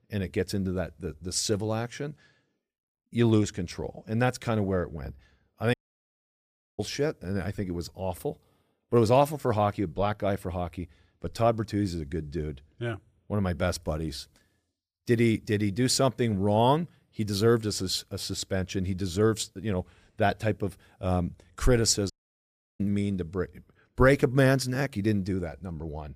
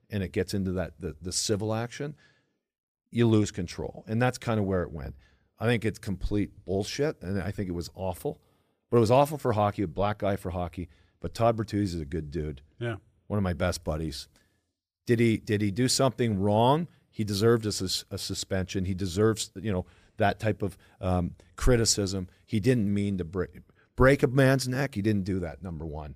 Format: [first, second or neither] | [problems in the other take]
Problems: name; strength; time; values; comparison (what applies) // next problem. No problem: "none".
second | audio cutting out; at 5.5 s for 1 s and at 22 s for 0.5 s